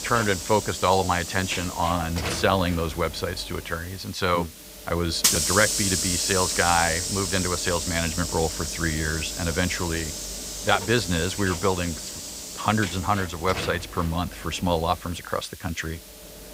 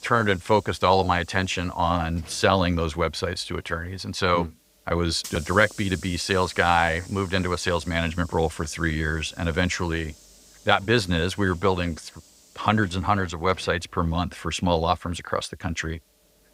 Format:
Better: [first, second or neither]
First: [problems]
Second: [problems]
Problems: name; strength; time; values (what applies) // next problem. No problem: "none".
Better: second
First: hiss; loud; throughout; 2 dB below the speech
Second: hiss; faint; throughout; 20 dB below the speech